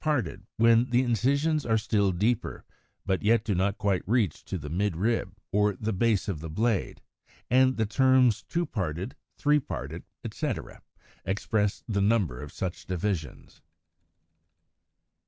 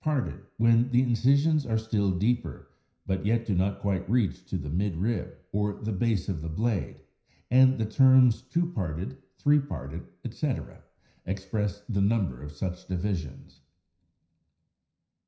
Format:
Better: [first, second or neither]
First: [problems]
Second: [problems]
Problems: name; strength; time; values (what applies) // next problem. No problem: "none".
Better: first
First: none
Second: room echo; dies away in 0.5 s